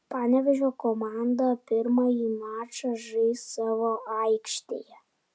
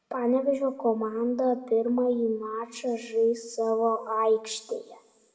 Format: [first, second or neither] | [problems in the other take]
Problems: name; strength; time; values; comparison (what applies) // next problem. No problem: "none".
first | room echo; dies away in 1.3 s